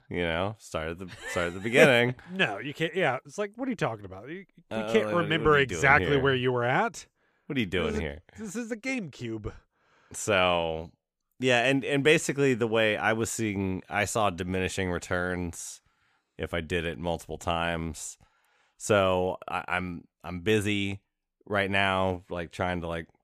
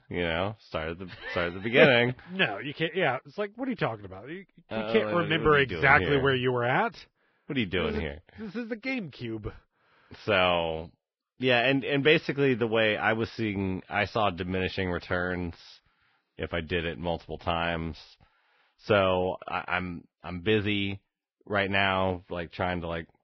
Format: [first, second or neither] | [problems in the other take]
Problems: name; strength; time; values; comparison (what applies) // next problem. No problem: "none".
first | garbled, watery; badly; nothing above 5.5 kHz